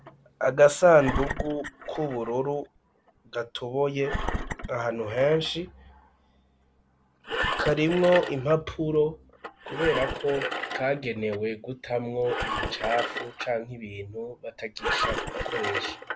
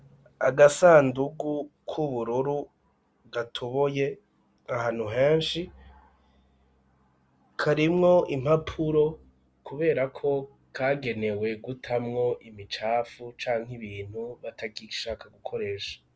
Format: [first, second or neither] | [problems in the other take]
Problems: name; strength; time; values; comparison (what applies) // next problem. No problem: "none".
second | background sound (Engine); 7 dB below the speech